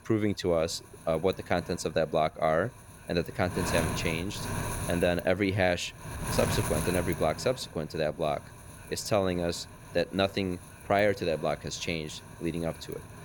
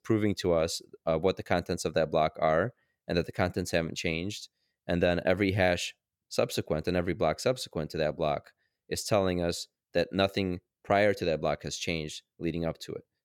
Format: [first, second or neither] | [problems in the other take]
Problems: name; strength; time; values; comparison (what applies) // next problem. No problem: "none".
second | wind noise on the microphone; occasional gusts; 10 dB below the speech